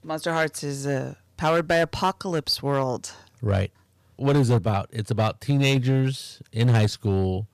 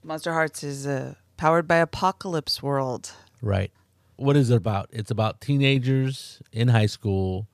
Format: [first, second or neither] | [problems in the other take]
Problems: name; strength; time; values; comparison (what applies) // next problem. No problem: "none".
second | distortion; slight; 6% of the sound clipped